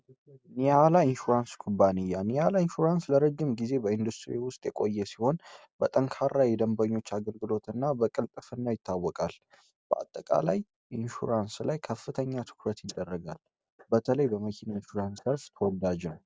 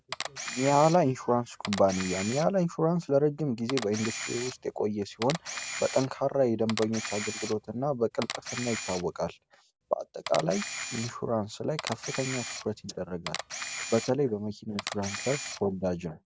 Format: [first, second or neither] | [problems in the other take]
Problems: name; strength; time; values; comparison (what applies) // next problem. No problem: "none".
first | background sound (Camera); 10 dB below the speech